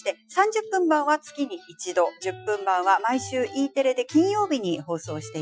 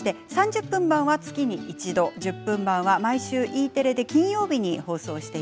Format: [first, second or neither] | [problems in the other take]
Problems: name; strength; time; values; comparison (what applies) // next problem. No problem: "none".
second | noise reduction (classical method Wiener filter)